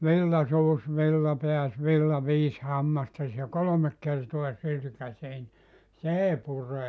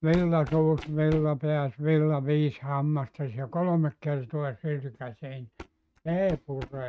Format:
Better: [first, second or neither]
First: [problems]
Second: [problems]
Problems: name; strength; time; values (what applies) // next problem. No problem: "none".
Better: first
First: none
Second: noise reduction (neural mask model RNNoise)